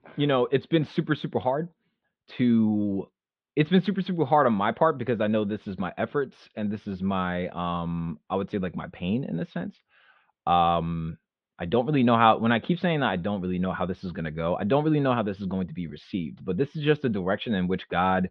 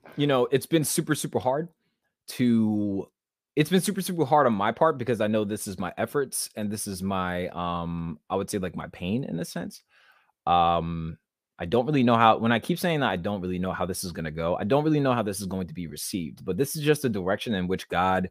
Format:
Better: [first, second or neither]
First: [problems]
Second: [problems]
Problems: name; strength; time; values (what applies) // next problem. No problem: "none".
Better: second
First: muffled; very; fading above 3.5 kHz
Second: none